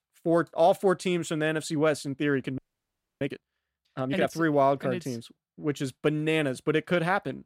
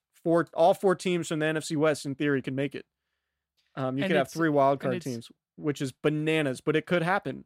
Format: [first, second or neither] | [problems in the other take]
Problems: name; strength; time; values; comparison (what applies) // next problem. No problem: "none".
second | audio freezing; at 2.5 s for 0.5 s